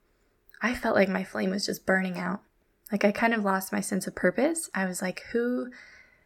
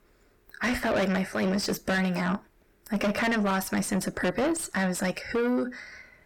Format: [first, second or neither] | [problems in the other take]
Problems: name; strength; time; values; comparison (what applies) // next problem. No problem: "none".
first | distortion; heavy; 5 dB below the speech